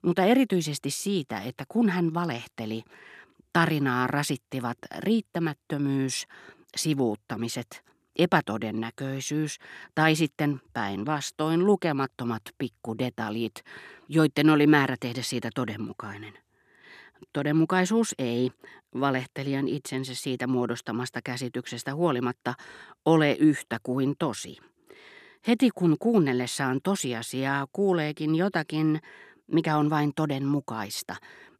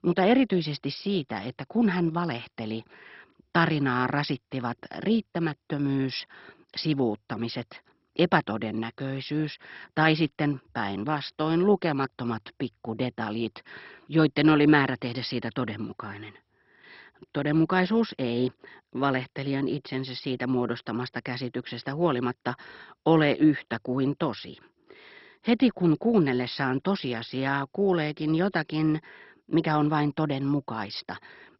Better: first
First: none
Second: garbled, watery; badly; nothing above 5.5 kHz

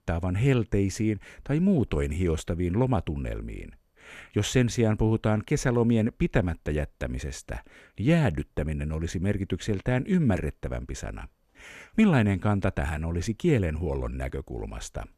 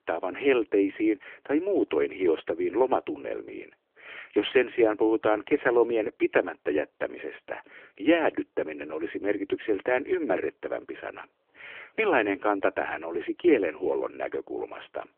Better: first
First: none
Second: phone-call audio; nothing above 3 kHz

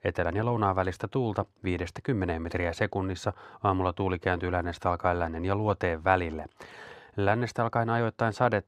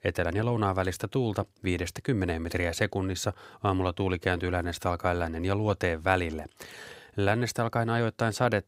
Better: second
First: muffled; slightly; fading above 2.5 kHz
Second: none

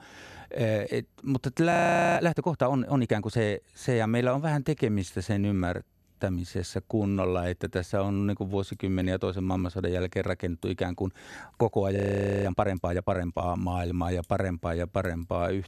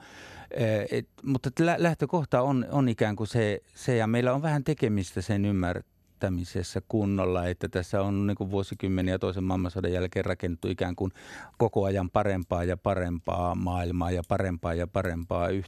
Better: second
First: audio freezing; at 1.5 s and at 12 s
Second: none

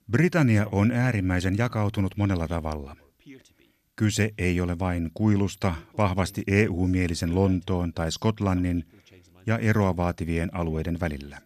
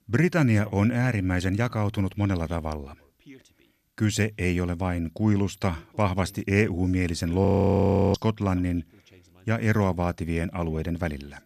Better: first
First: none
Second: audio freezing; at 7.5 s for 0.5 s

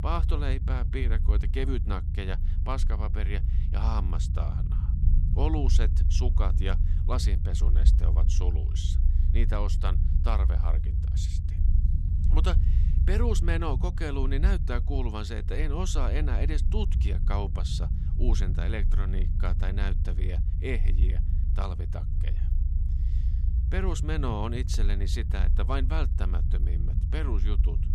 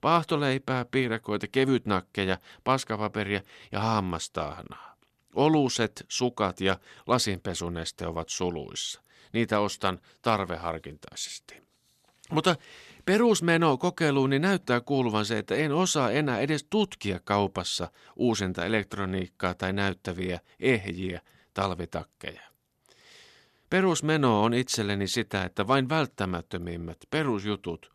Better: second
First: low rumble; loud; throughout; 9 dB below the speech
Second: none

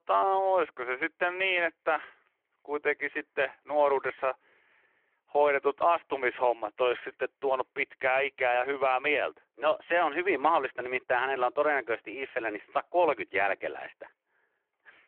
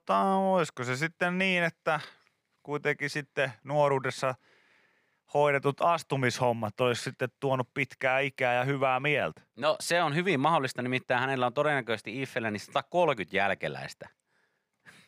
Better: second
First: phone-call audio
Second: none

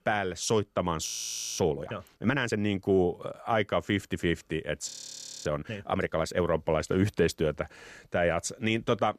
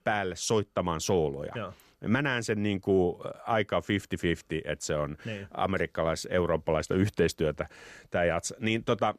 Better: second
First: audio freezing; at 1 s for 0.5 s and at 5 s for 0.5 s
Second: none

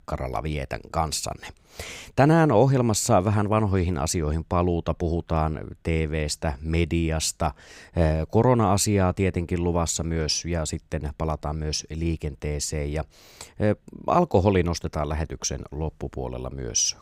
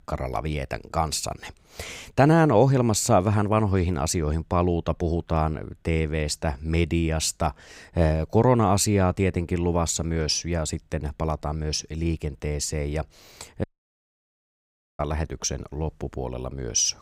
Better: first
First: none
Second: audio cutting out; at 14 s for 1.5 s

